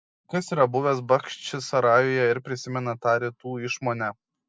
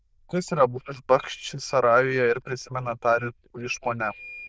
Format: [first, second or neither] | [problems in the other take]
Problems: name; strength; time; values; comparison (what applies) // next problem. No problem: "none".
first | noise reduction (neural diffusion model UNIVERSE++)